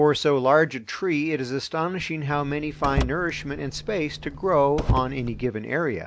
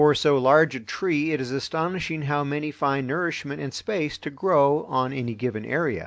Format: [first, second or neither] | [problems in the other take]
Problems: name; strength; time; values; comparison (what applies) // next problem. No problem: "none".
second | background sound (Car); 6 dB below the speech